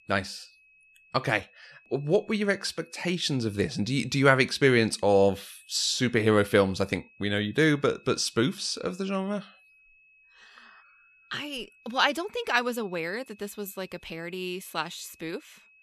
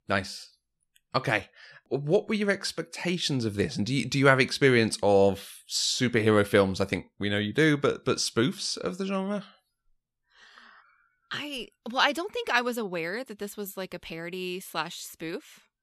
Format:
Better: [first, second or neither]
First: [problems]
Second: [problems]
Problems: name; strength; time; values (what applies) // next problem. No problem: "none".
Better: second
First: high-pitched whine; faint; throughout; 2.5 kHz, 30 dB below the speech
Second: none